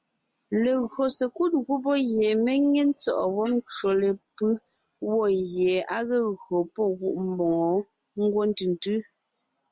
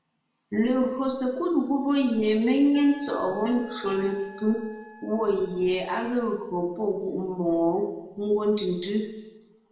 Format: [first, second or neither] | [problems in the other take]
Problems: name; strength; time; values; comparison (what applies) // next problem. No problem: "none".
first | background sound (Wind instrument, woodwind instrument); 20 dB below the speech // room echo; dies away in 1 s